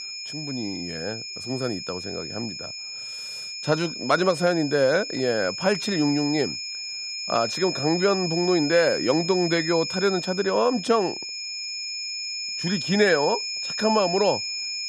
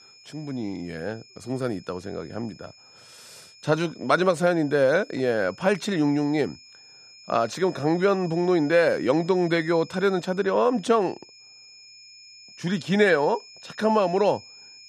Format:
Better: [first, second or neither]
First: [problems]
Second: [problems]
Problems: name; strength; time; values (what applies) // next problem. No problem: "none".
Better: second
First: high-pitched whine; loud; throughout; 5 kHz, 5 dB below the speech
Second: high-pitched whine; faint; throughout; 5 kHz, 20 dB below the speech